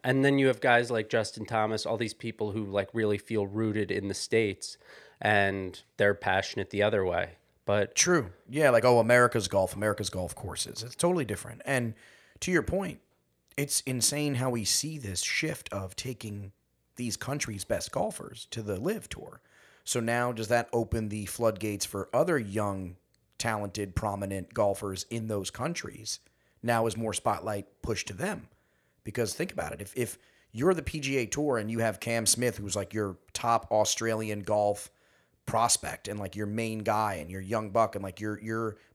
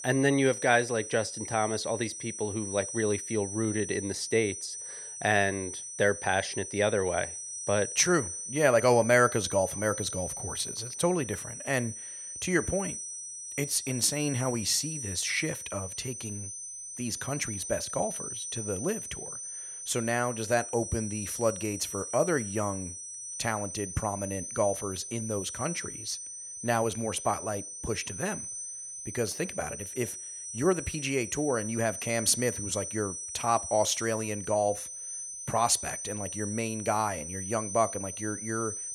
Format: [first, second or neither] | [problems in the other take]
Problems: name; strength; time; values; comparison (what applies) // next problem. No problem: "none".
first | high-pitched whine; loud; throughout; 6 kHz, 7 dB below the speech